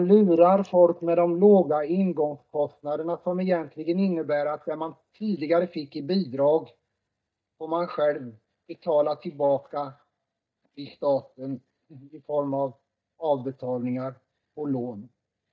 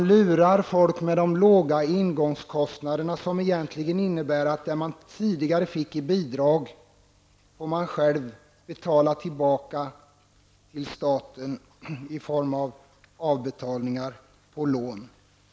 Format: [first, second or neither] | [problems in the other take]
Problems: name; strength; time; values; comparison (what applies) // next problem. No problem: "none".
second | noise reduction (neural mask model DeepFilterNet 3)